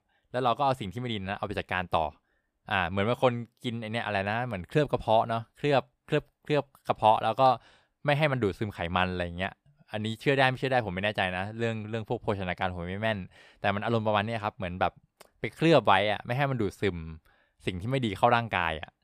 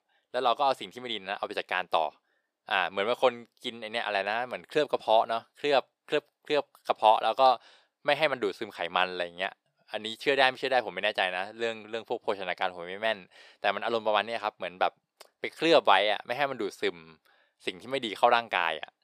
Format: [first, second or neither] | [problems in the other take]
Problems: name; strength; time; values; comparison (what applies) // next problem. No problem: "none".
first | thin; somewhat; fading below 450 Hz